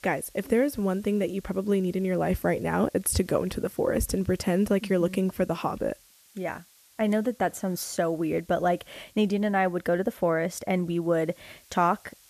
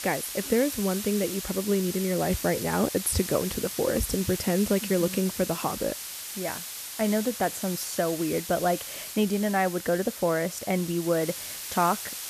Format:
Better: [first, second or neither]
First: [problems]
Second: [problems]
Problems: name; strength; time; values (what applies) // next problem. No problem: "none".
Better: first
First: hiss; faint; throughout; 30 dB below the speech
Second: hiss; loud; throughout; 7 dB below the speech